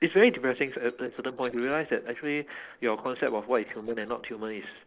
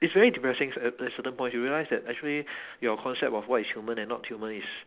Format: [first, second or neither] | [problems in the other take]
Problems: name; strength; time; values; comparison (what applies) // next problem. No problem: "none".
second | noise reduction (neural separator model SepFormer DNS4)